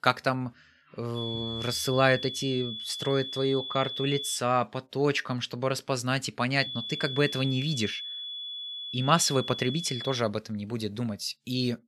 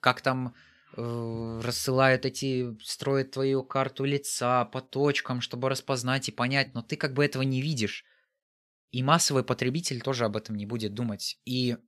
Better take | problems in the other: second | high-pitched whine; loud; from 1 to 4.5 s and from 6.5 to 10 s; 3.5 kHz, 6 dB below the speech

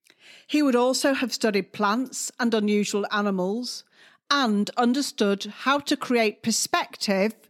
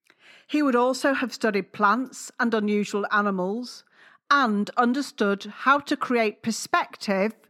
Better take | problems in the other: first | muffled; slightly; fading above 3 kHz

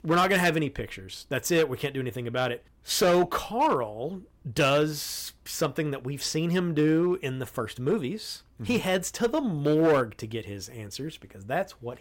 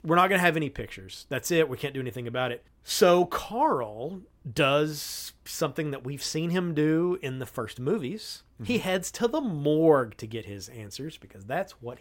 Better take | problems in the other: second | distortion; slight; 4% of the sound clipped

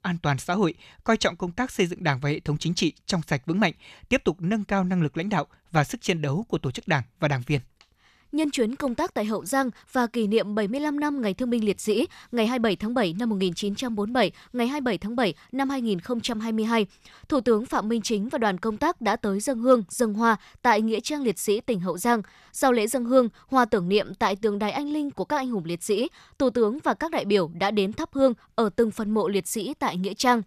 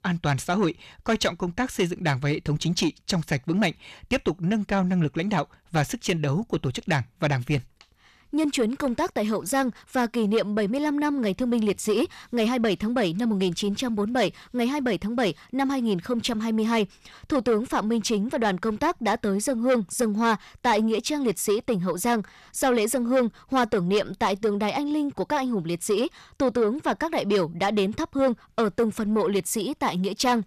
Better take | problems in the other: first | distortion; slight; 10 dB below the speech

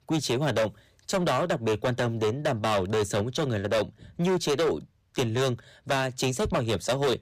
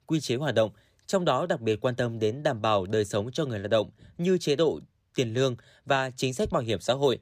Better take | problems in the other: second | distortion; heavy; 16% of the sound clipped

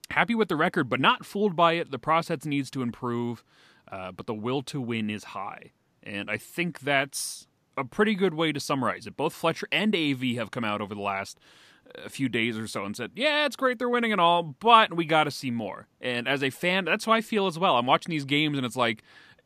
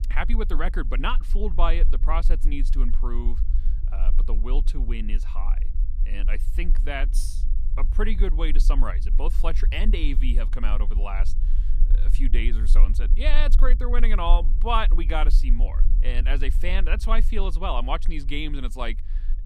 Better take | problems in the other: first | low rumble; noticeable; throughout; 20 dB below the speech

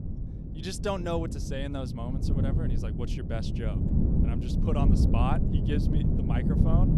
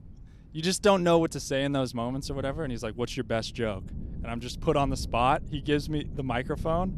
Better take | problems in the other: second | wind noise on the microphone; heavy; 2 dB below the speech; occasional gusts in the second

